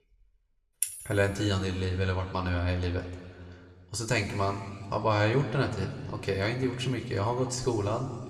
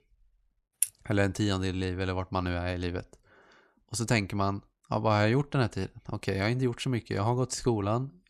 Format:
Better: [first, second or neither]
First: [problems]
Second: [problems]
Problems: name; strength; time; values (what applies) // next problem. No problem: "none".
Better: second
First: room echo; slight; dies away in 2 s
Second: none